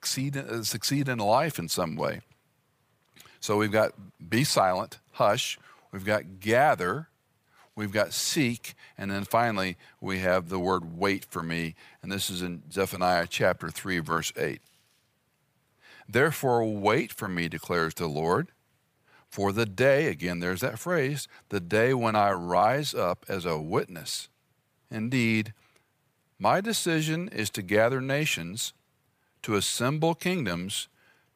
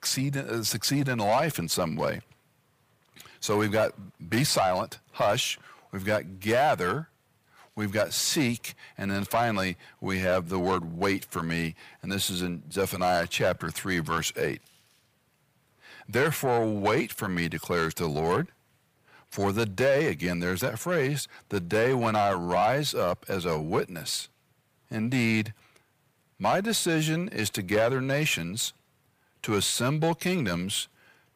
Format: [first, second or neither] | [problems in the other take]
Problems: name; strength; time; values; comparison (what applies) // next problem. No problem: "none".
first | distortion; slight; 10 dB below the speech